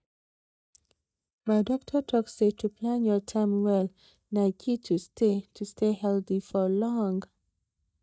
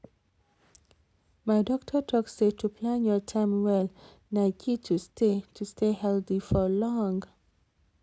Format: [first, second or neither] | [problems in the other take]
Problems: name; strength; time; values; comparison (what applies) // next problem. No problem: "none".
second | noise reduction (neural mask model DeepFilterNet 3)